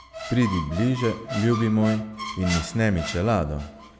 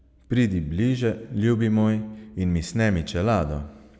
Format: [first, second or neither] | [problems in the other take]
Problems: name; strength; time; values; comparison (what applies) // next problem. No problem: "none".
second | background sound (Squeak); 11 dB below the speech